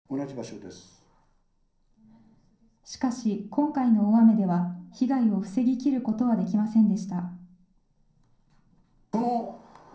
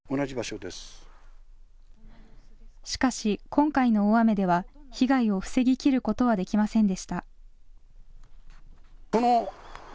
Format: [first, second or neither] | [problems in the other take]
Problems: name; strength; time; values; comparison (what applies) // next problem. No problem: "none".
second | room echo; dies away in 0.6 s